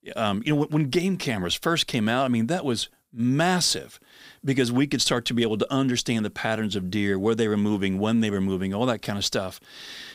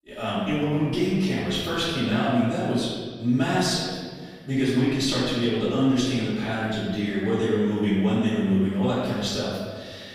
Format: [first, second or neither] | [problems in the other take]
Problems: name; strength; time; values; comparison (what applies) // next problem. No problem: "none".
first | room echo; strong; dies away in 1.6 s // off-mic speech; far